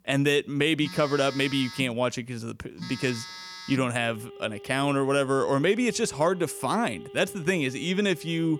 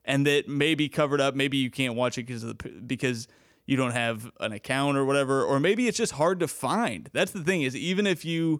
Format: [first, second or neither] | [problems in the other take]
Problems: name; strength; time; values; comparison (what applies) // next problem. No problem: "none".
second | alarms or sirens; noticeable; throughout; 15 dB below the speech